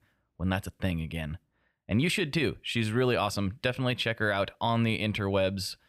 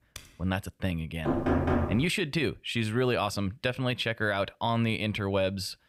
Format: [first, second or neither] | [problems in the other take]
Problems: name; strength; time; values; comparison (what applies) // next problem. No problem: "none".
first | keyboard typing; faint; at the start; peak 20 dB below the speech // door banging; loud; at 1.5 s; peak 3 dB above the speech